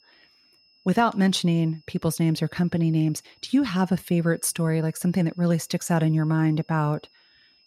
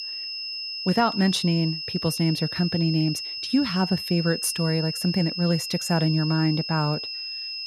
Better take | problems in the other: first | high-pitched whine; loud; throughout; 5 kHz, 5 dB below the speech; faint in the first

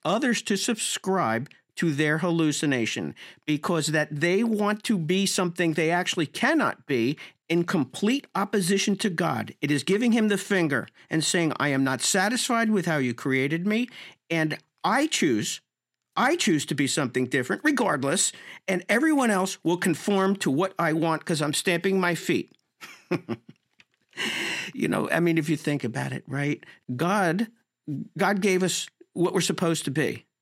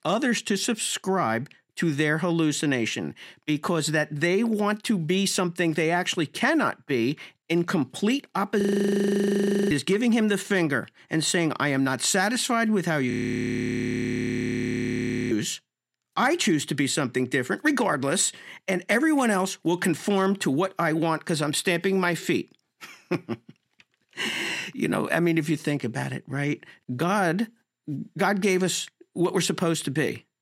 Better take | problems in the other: first | audio freezing; at 8.5 s for 1 s and at 13 s for 2 s

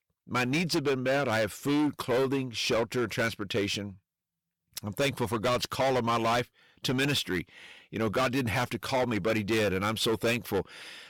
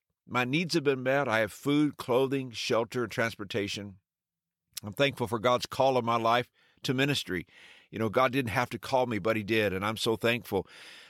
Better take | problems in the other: second | distortion; heavy; 14% of the sound clipped

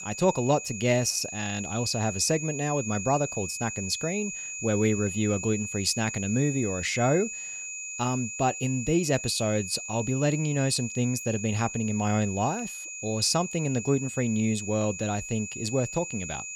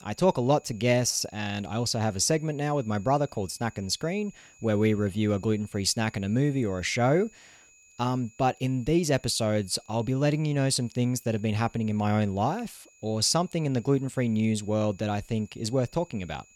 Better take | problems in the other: second | high-pitched whine; loud; throughout; 7 kHz, 7 dB below the speech; faint in the second

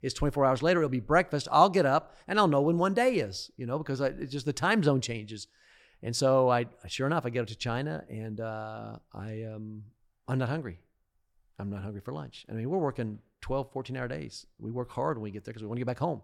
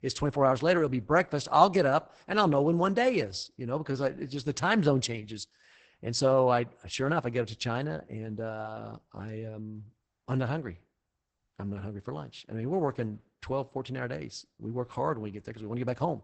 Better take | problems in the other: first | garbled, watery; badly; nothing above 8 kHz

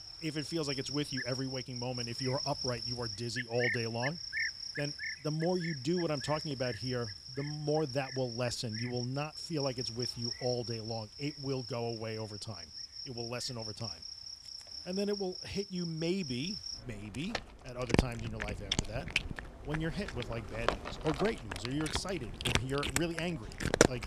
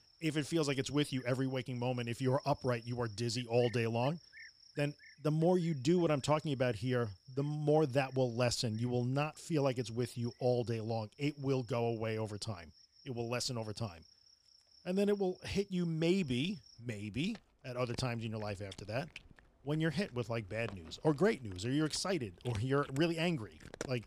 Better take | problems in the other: second | animal sounds; loud; throughout; 1 dB below the speech; faint in the second

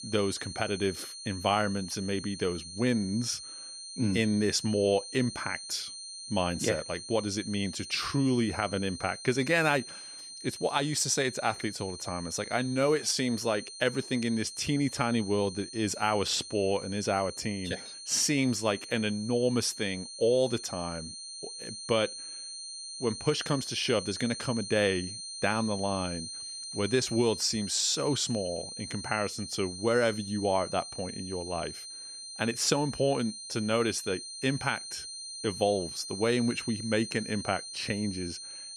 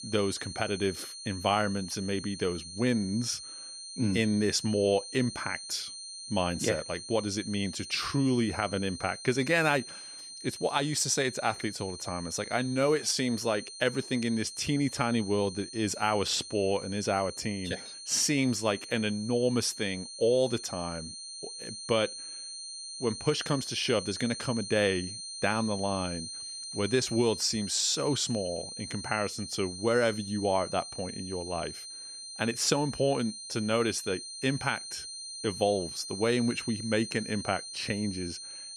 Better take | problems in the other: neither | high-pitched whine; loud; throughout; 4 kHz, 10 dB below the speech; the same in both

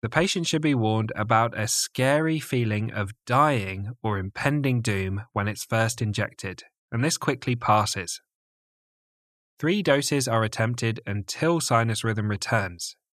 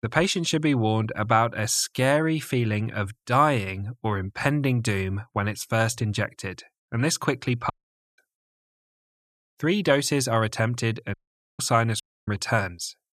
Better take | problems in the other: first | audio cutting out; at 7.5 s, at 11 s and at 12 s

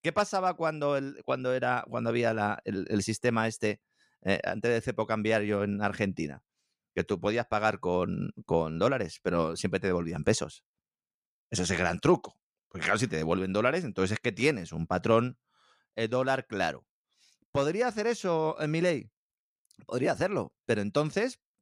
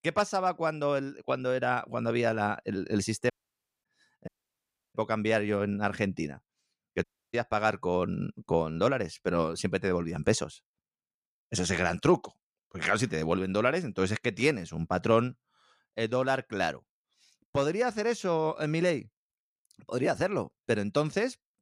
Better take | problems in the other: first | audio cutting out; at 3.5 s for 0.5 s, at 4.5 s for 0.5 s and at 7 s

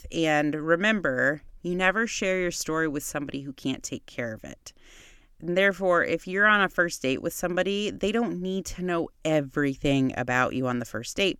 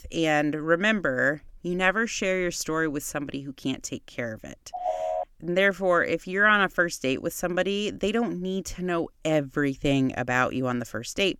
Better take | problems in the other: first | phone ringing; noticeable; at 4.5 s; peak 3 dB below the speech

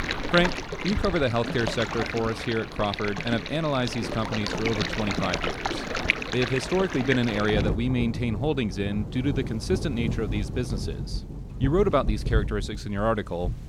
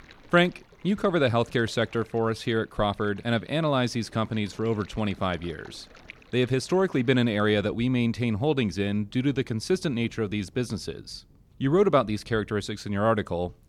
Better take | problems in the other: second | rain or running water; loud; throughout; 3 dB below the speech; faint in the second

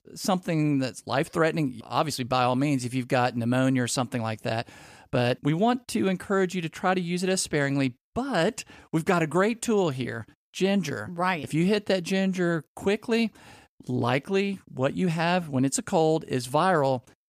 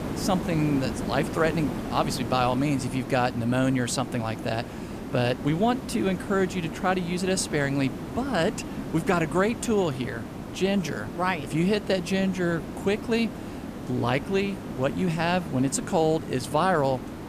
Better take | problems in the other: first | hiss; loud; throughout; 9 dB below the speech

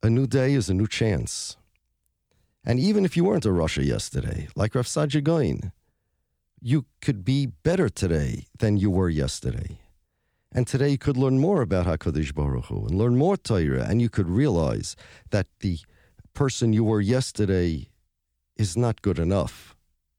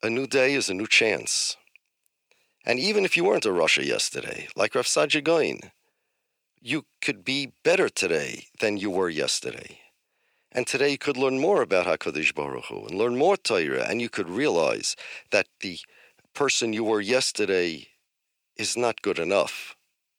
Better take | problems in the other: first | thin; very; fading below 500 Hz

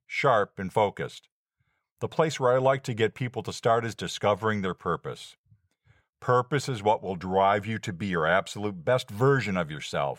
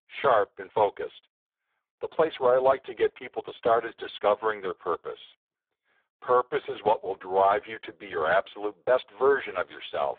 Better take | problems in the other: first | phone-call audio; poor line; nothing above 3.5 kHz

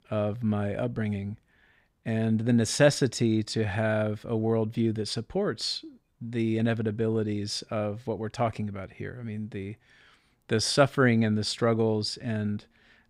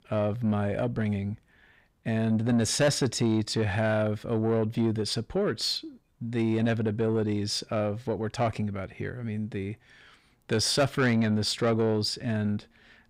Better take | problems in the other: first | distortion; slight; 10 dB below the speech

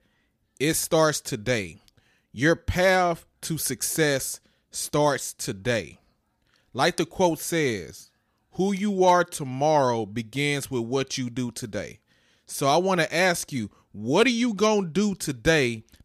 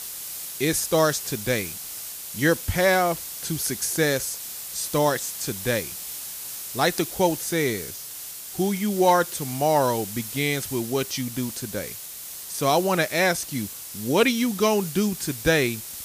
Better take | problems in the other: first | hiss; loud; throughout; 9 dB below the speech

